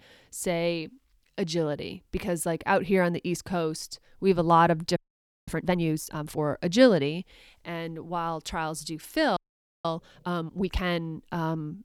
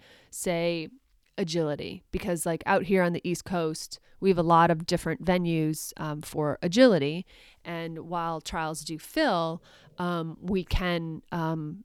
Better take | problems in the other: second | audio freezing; at 5 s for 0.5 s and at 9.5 s

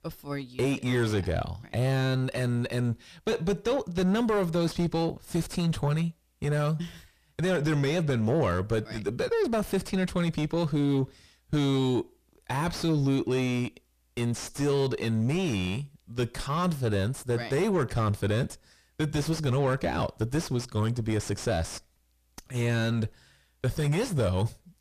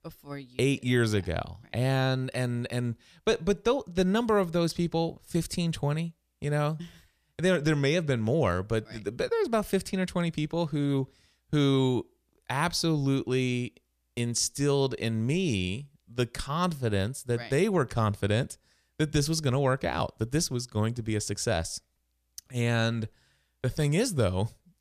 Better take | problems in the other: second | distortion; heavy; 6 dB below the speech

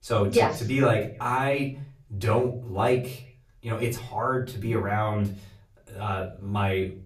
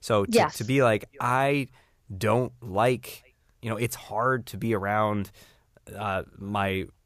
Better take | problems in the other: second | off-mic speech; far // room echo; very slight; dies away in 0.4 s

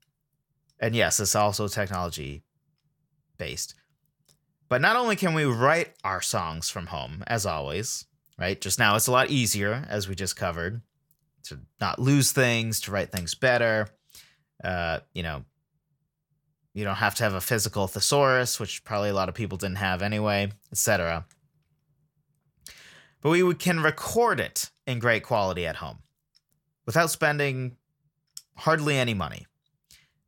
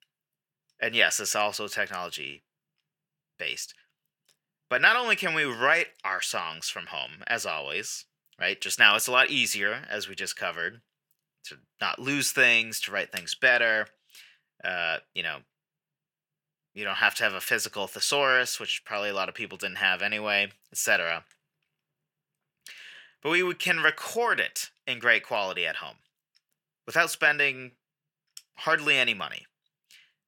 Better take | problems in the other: first | thin; somewhat; fading below 300 Hz

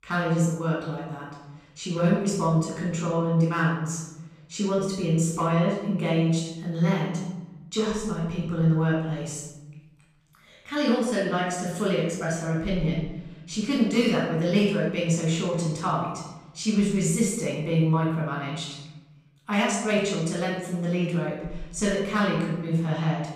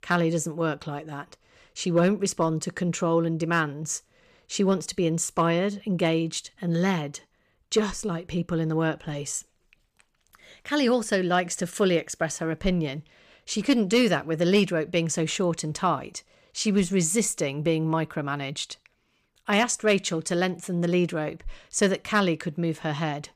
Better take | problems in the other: second | off-mic speech; far // room echo; noticeable; dies away in 1 s

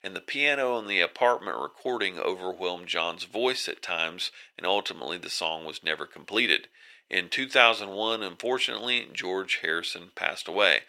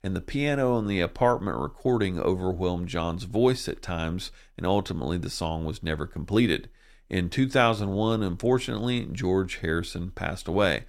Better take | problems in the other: second | thin; very; fading below 550 Hz

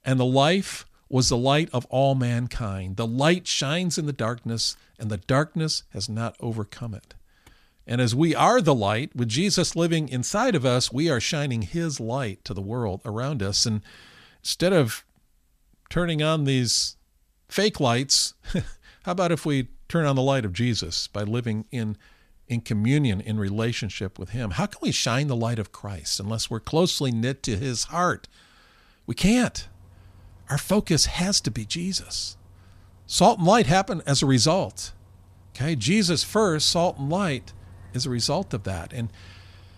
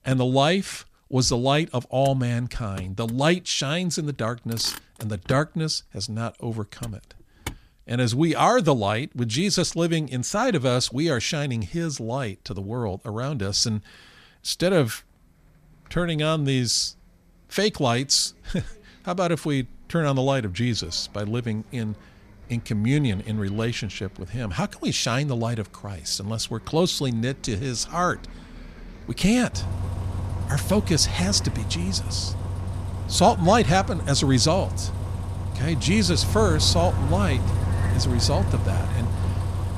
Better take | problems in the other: first | traffic noise; loud; throughout; 4 dB below the speech; faint in the first

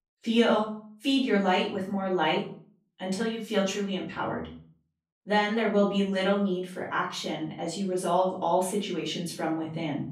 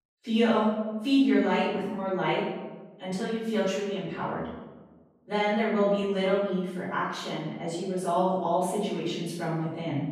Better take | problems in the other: first | room echo; strong; dies away in 1 s; slight in the first // off-mic speech; far; far in the first

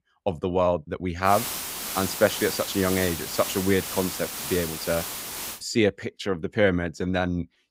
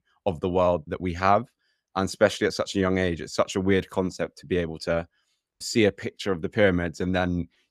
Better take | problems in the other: second | hiss; loud; from 1.5 to 5.5 s; 5 dB below the speech

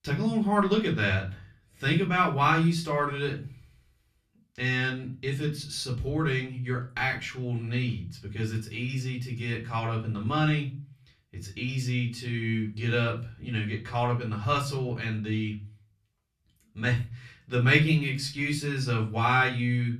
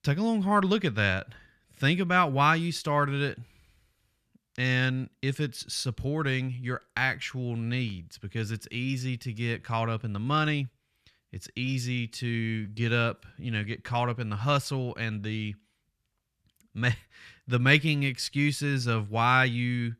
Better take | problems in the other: second | off-mic speech; far // room echo; very slight; dies away in 0.3 s

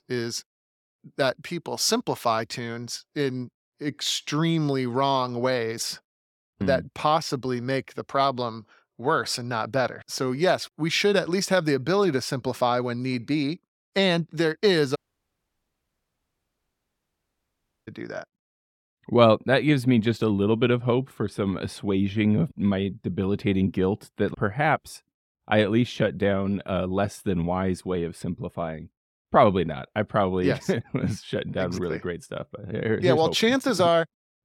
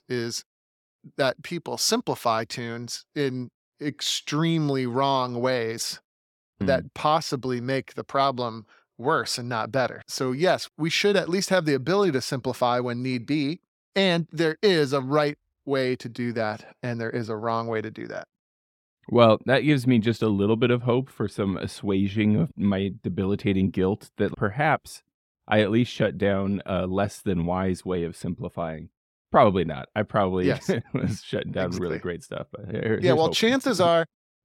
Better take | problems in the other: second | audio cutting out; at 15 s for 3 s

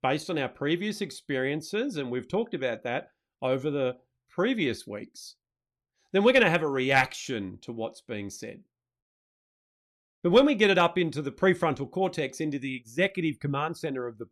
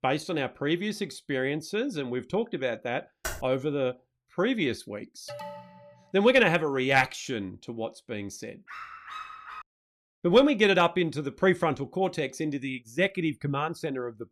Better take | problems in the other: first | keyboard typing; noticeable; at 3 s; peak 10 dB below the speech // alarm; faint; at 5.5 s; peak 15 dB below the speech // dog barking; faint; at 8.5 s; peak 15 dB below the speech

